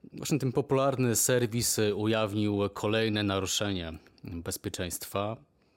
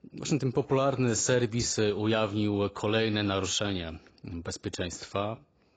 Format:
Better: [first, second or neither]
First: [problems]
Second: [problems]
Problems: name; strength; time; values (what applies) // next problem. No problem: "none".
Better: first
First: none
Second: garbled, watery; badly; nothing above 7.5 kHz